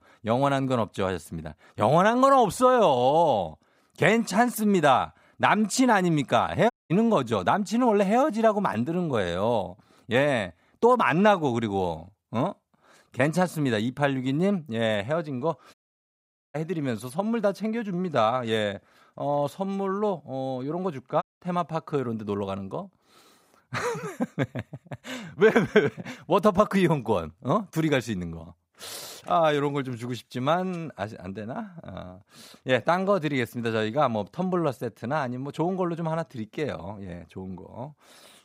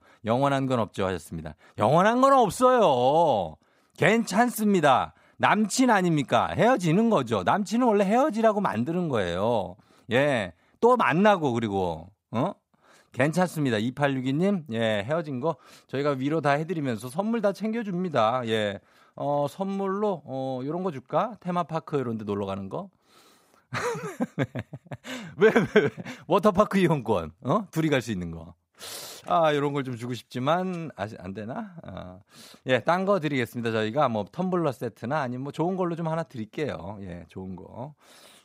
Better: second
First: audio cutting out; at 6.5 s, at 16 s for 1 s and at 21 s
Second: none

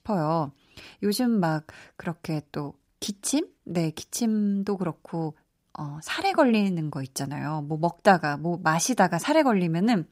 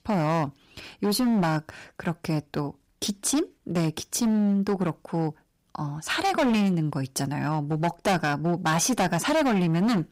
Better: first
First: none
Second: distortion; heavy; 14% of the sound clipped

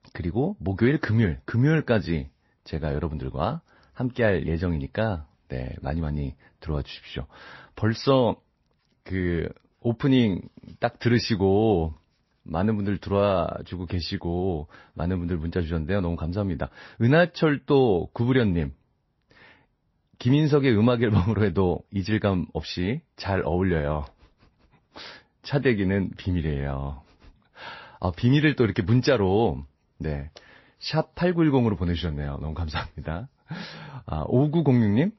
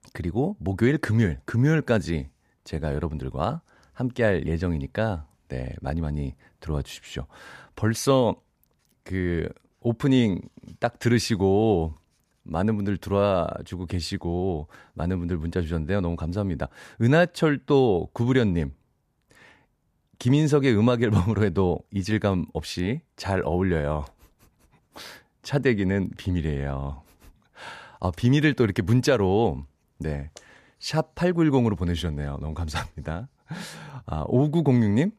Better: second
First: garbled, watery; slightly; nothing above 5.5 kHz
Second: none

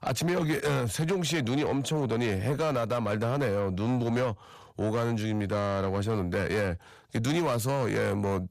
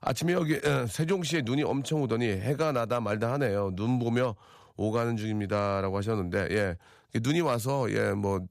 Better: second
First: distortion; slight; 10 dB below the speech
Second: none

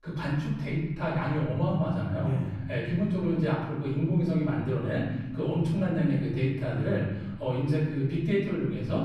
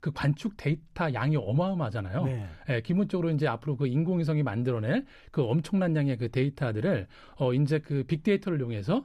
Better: second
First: off-mic speech; far // room echo; noticeable; dies away in 1.3 s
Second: none

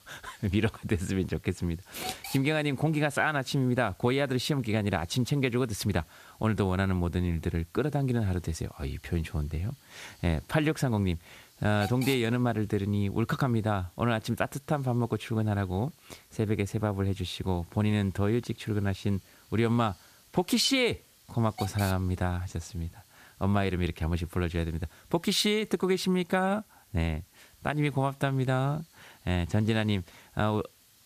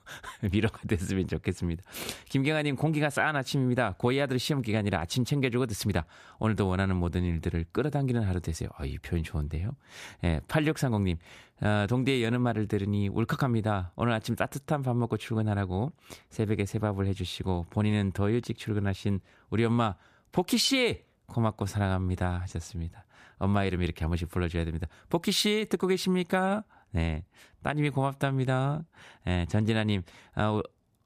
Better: second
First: hiss; faint; throughout; 20 dB below the speech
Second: none

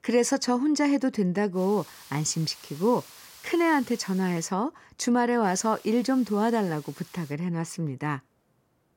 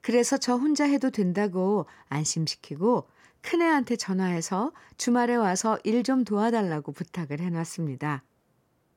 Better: second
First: hiss; faint; from 1.5 to 4.5 s and from 5.5 to 7.5 s; 20 dB below the speech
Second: none

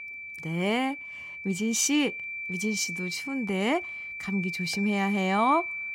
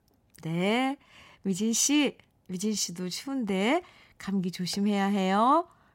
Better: second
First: high-pitched whine; loud; throughout; 2.5 kHz, 6 dB below the speech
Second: none

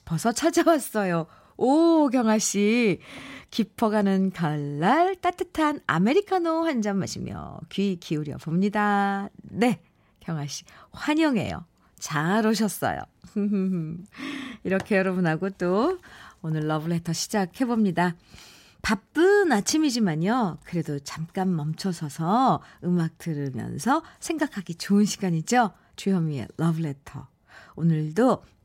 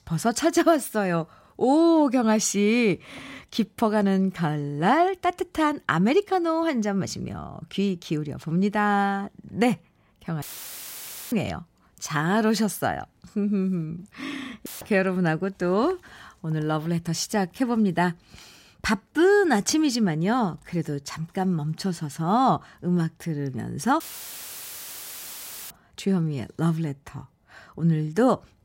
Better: first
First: none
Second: audio cutting out; filled with static; at 10 s for 1 s, at 15 s and at 24 s for 1.5 s

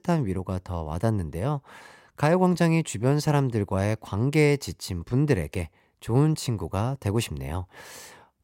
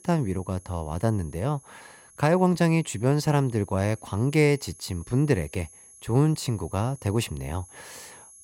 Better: first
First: none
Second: high-pitched whine; faint; throughout; 11 kHz, 25 dB below the speech

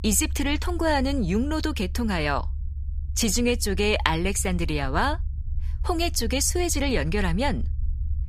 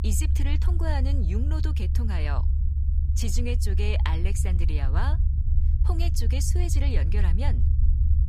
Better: first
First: low rumble; faint; throughout; 25 dB below the speech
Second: low rumble; loud; throughout; 7 dB below the speech

